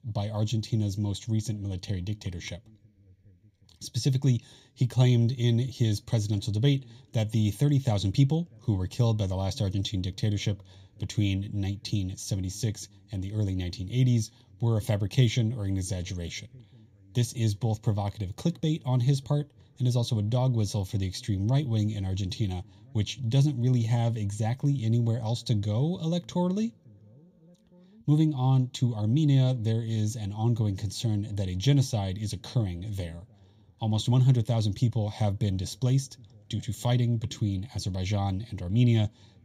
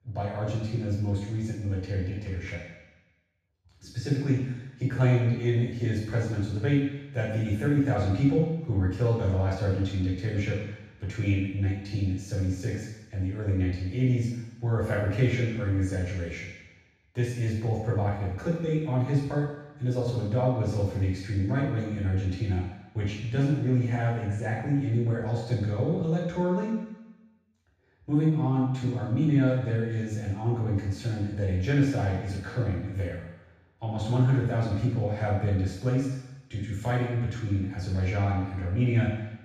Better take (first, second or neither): first